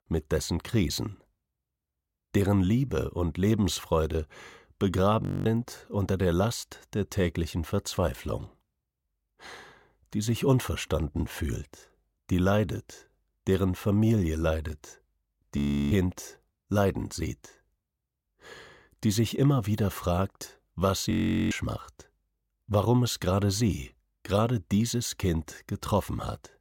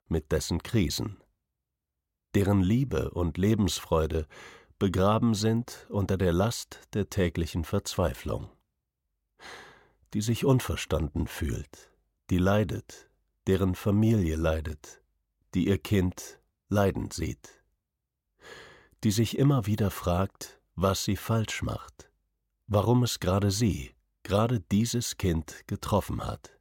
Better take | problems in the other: second | audio freezing; at 5 s, at 16 s and at 21 s

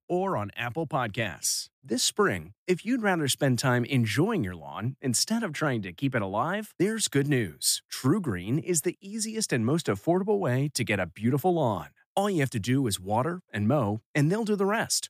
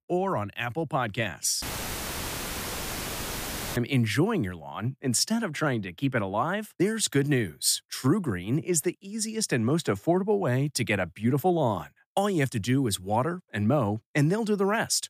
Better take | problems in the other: first | audio cutting out; filled with static; at 1.5 s for 2 s

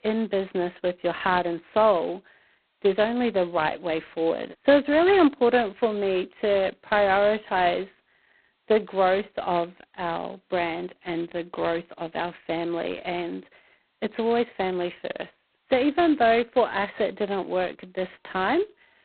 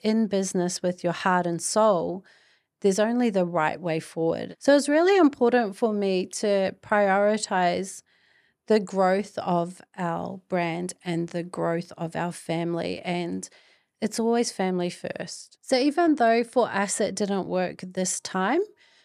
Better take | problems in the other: second | phone-call audio; poor line; nothing above 4 kHz

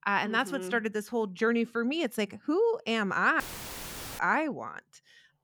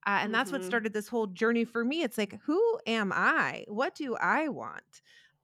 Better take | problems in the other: second | audio cutting out; filled with static; at 3.5 s for 1 s

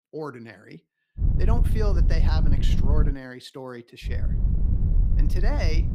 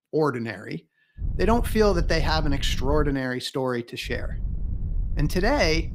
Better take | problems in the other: second | wind noise on the microphone; heavy; from 1 to 3 s and from 4 s on; 4 dB below the speech; occasional gusts in the second

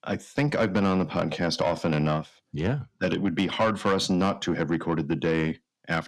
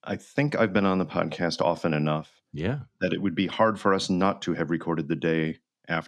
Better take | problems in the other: second | distortion; slight; 10 dB below the speech

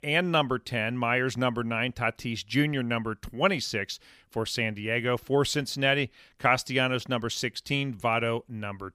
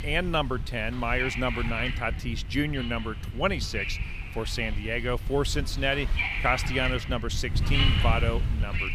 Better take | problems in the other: first | wind noise on the microphone; heavy; 3 dB below the speech

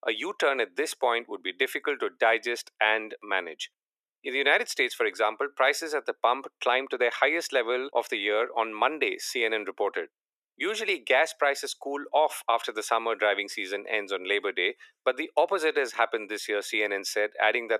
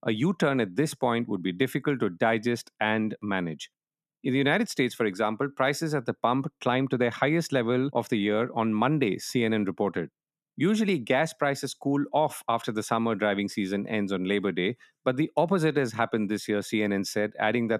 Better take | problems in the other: second | thin; very; fading below 400 Hz

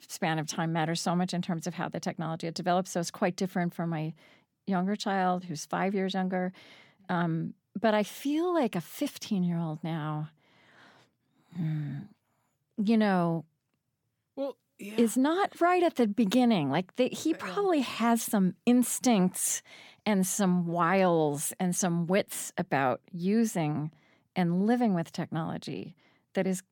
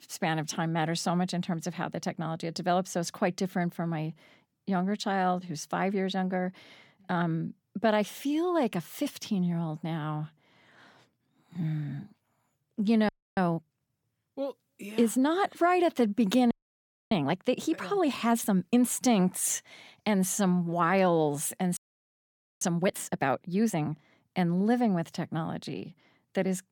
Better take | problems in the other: first | audio freezing; at 13 s, at 17 s for 0.5 s and at 22 s for 1 s

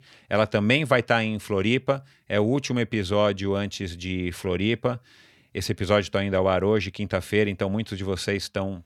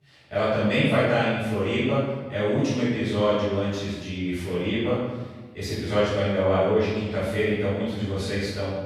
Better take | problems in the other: first | off-mic speech; far // room echo; strong; dies away in 1.1 s

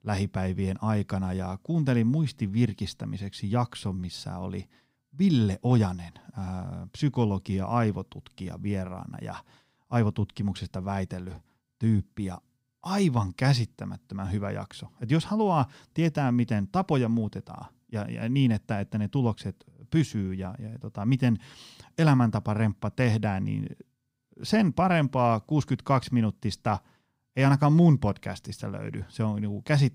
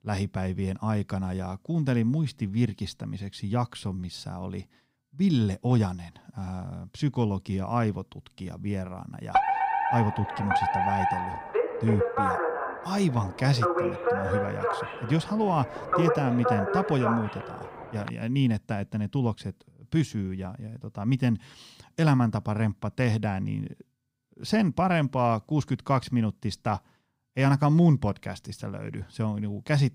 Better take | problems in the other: first | alarm; loud; from 9.5 to 18 s; peak 4 dB above the speech

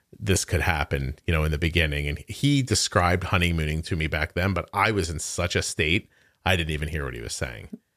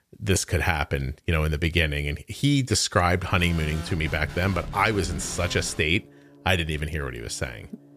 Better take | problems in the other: first | background music; noticeable; from 3.5 s on; 15 dB below the speech

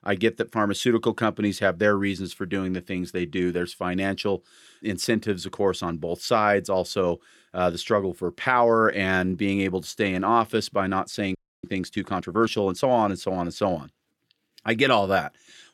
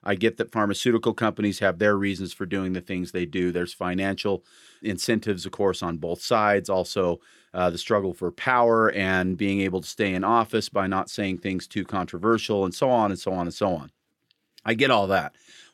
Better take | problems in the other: second | audio freezing; at 11 s

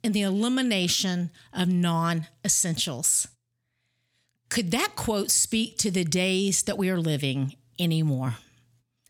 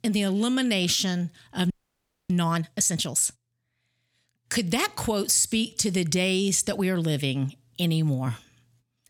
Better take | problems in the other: first | audio freezing; at 1.5 s for 0.5 s

